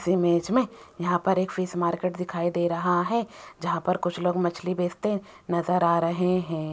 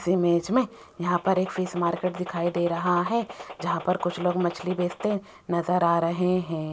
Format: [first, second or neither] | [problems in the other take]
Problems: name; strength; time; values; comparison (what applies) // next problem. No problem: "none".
first | background sound (Gunshot, gunfire); 15 dB below the speech